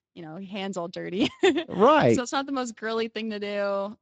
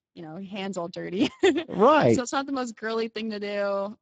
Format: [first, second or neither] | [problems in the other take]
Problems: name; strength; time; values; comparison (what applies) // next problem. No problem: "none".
first | garbled, watery; badly; nothing above 7.5 kHz; slightly in the first